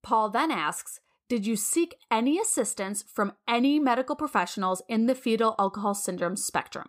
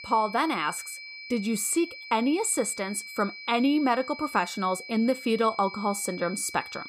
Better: first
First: none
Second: high-pitched whine; noticeable; throughout; 2.5 kHz, 10 dB below the speech

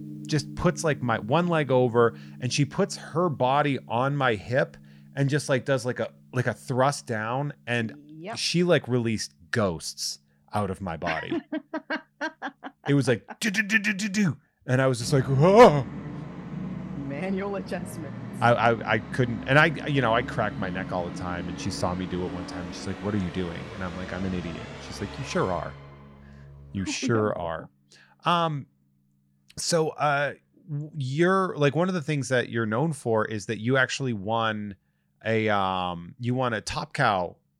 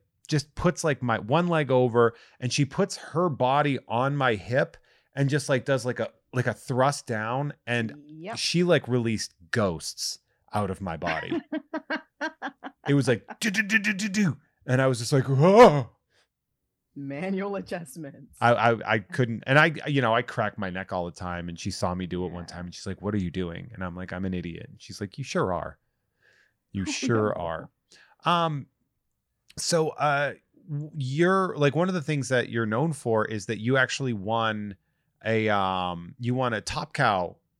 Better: second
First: background music; noticeable; throughout; 15 dB below the speech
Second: none

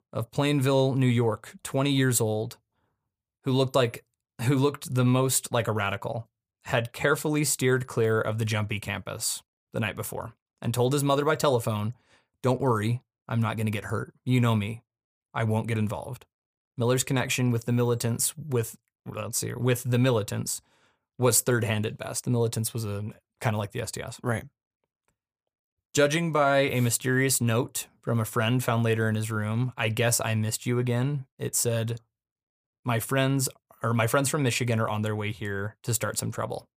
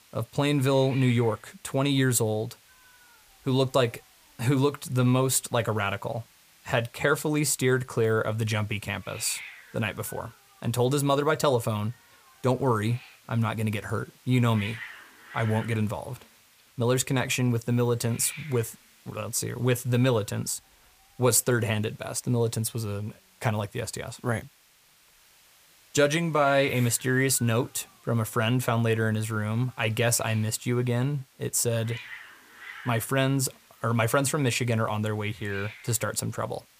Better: first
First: none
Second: hiss; faint; throughout; 20 dB below the speech

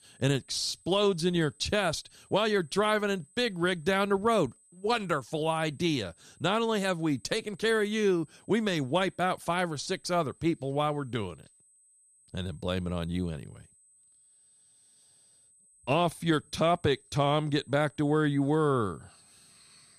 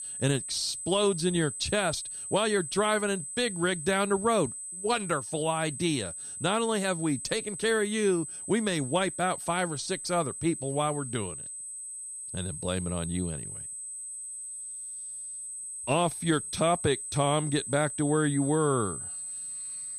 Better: first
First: high-pitched whine; faint; throughout; 8 kHz, 30 dB below the speech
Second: high-pitched whine; loud; throughout; 8 kHz, 7 dB below the speech

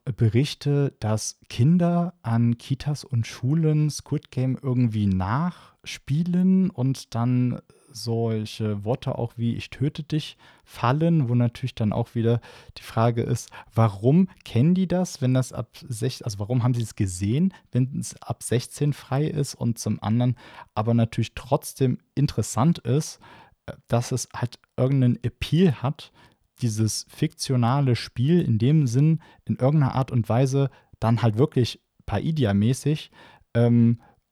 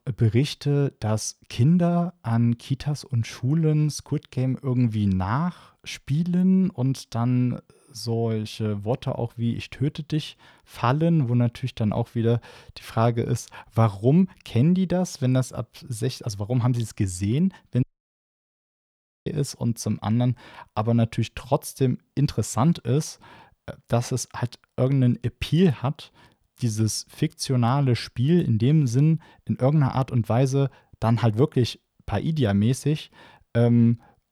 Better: first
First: none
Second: audio cutting out; at 18 s for 1.5 s

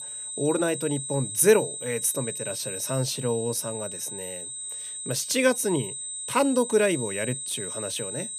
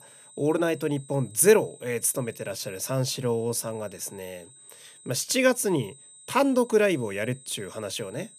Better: second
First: high-pitched whine; loud; throughout; 8 kHz, 6 dB below the speech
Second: high-pitched whine; faint; throughout; 8 kHz, 20 dB below the speech

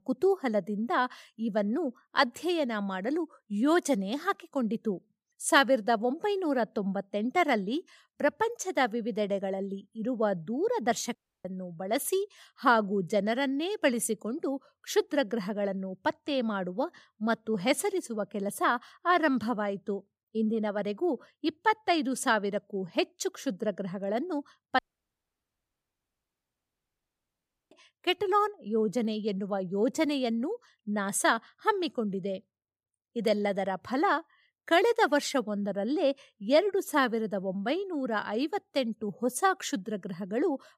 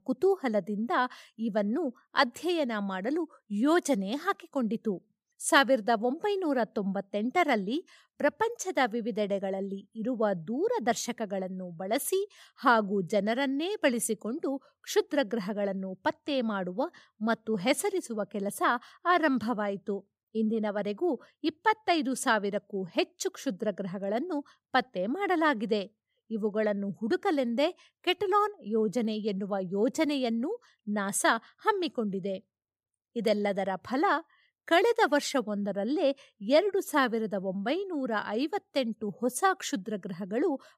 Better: second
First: audio cutting out; at 11 s and at 25 s for 3 s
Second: none

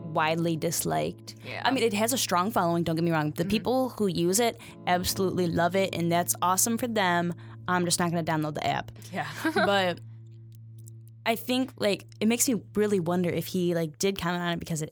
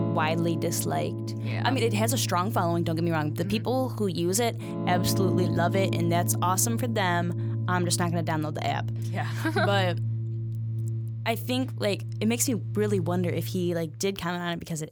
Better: first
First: background music; faint; throughout; 20 dB below the speech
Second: background music; loud; throughout; 3 dB below the speech

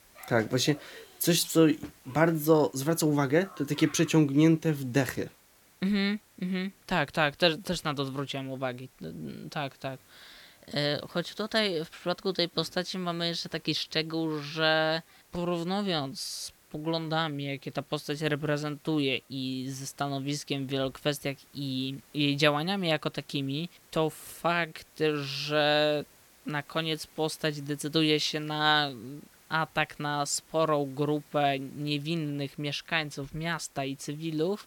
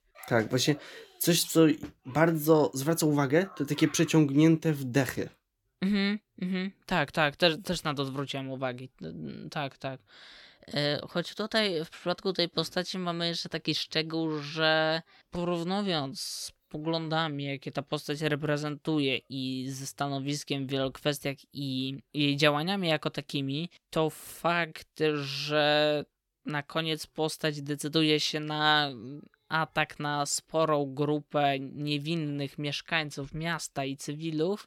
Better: second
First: hiss; faint; throughout; 30 dB below the speech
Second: none

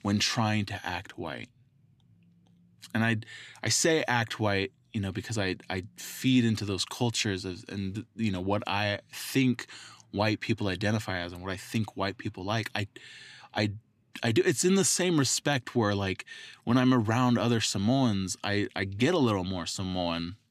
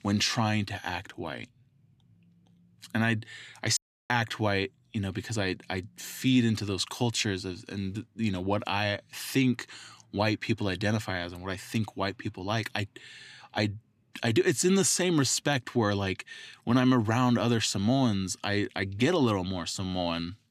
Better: first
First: none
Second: audio cutting out; at 4 s

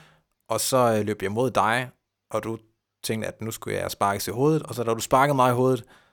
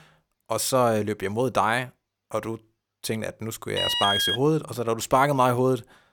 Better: first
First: none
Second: alarm; loud; at 4 s; peak 3 dB above the speech

